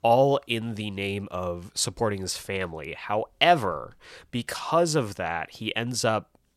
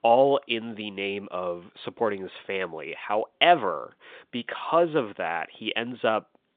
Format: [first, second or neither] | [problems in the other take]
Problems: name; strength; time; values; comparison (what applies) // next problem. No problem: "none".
first | phone-call audio; nothing above 3 kHz